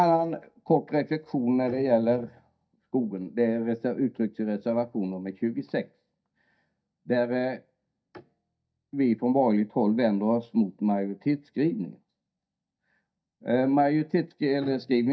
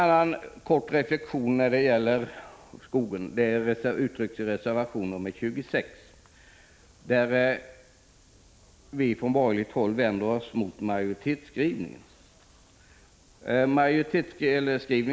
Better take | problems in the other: second | noise reduction (neural mask model DeepFilterNet 3)

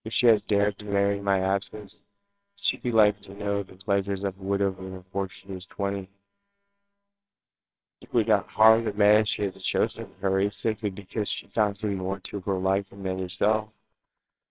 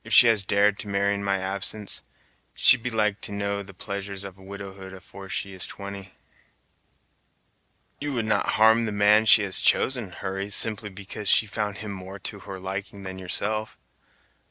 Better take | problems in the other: second | noise reduction (neural separator model SepFormer WHAMR!)

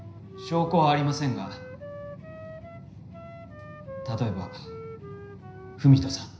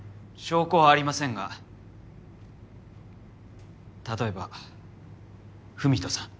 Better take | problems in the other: second | background sound (Wind instrument, woodwind instrument); 16 dB below the speech // room echo; dies away in 0.5 s

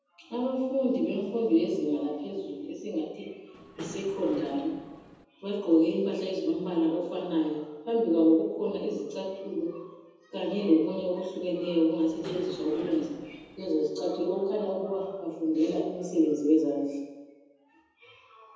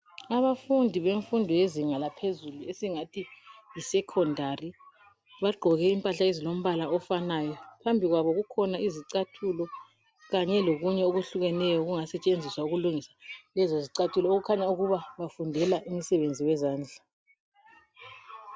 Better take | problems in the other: second | background sound (Engine / Mechanisms); 15 dB below the speech // room echo; dies away in 1.1 s

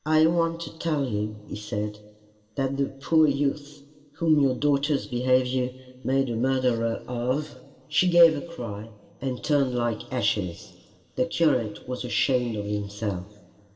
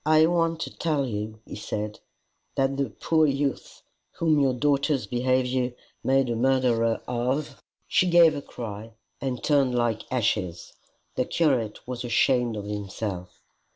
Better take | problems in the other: second | room echo; dies away in 1.6 s

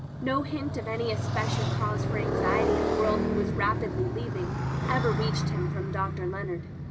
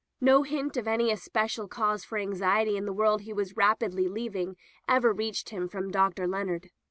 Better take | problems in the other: second | background sound (Motorcycle); 3 dB above the speech // room echo; dies away in 1.9 s

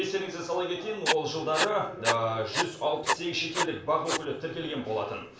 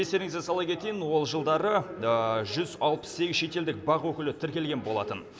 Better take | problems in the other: second | background sound (Writing); 2 dB below the speech // room echo; dies away in 0.3 s

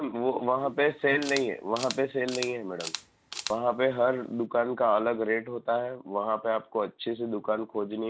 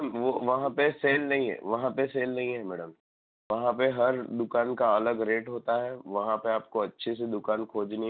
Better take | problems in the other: second | background sound (Camera); 13 dB below the speech

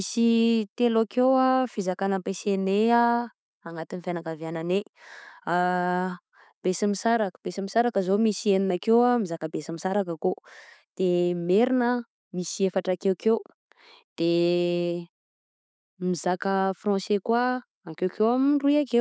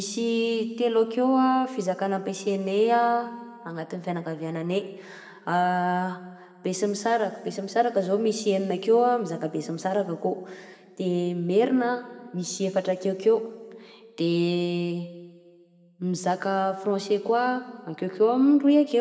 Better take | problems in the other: first | room echo; dies away in 1.4 s

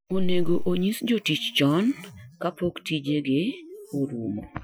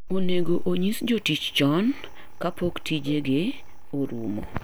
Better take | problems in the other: second | noise reduction (classical method Wiener filter)

